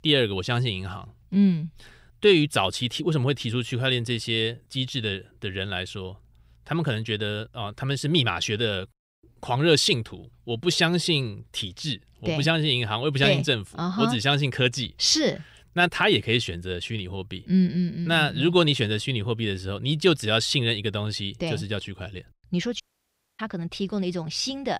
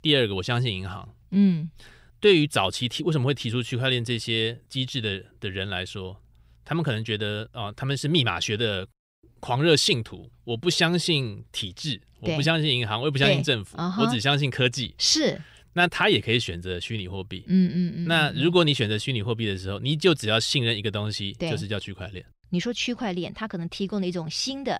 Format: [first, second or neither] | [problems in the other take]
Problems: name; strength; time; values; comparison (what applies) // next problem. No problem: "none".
second | audio cutting out; at 23 s for 0.5 s